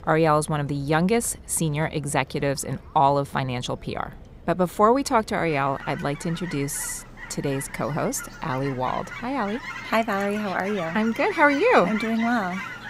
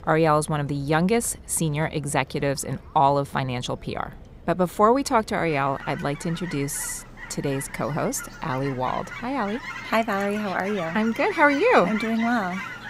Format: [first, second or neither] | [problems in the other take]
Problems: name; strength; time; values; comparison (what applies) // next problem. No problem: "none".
neither | animal sounds; noticeable; throughout; 15 dB below the speech; the same in both